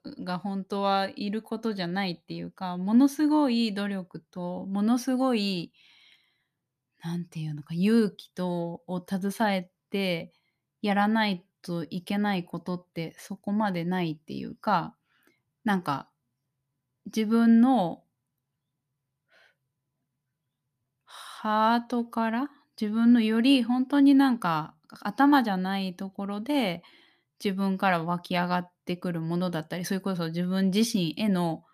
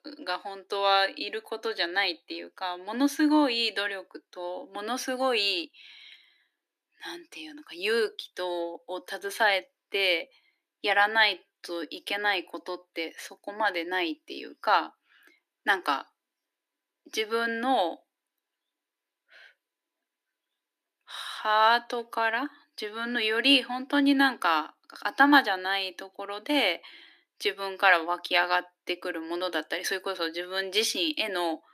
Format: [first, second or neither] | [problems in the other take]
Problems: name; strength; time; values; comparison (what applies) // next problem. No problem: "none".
first | thin; somewhat; fading below 300 Hz